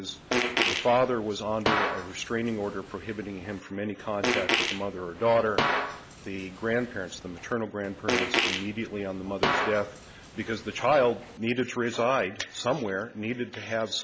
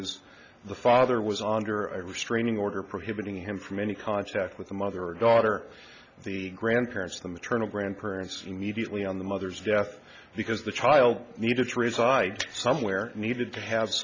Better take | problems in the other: second | background sound (Fart); 2 dB below the speech

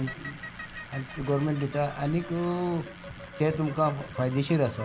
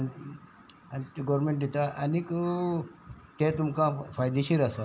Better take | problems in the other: second | background sound (Bicycle); 14 dB below the speech

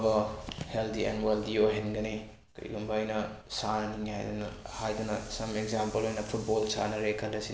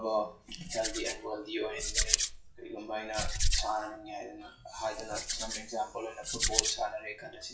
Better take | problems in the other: first | noise reduction (classical method WPE with log-MMSE)

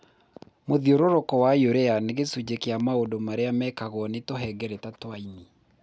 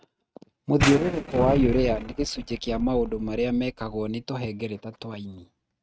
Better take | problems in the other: first | noise reduction (neural mask model RNNoise)

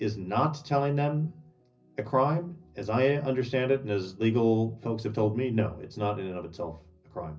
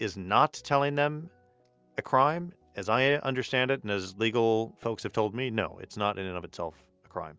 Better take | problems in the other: second | room echo; dies away in 0.4 s

